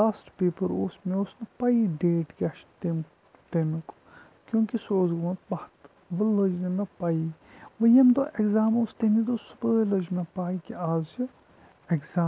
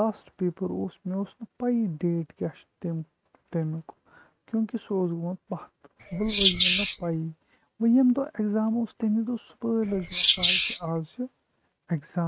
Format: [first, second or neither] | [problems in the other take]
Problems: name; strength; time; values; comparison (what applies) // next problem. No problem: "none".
first | noise reduction (neural mask model RNNoise)